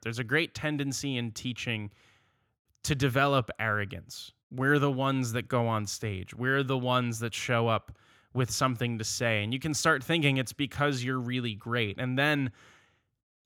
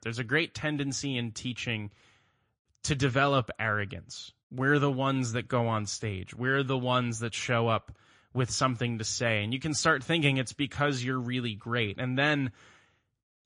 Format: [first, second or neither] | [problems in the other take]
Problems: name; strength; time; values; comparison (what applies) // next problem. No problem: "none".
first | garbled, watery; slightly; nothing above 9 kHz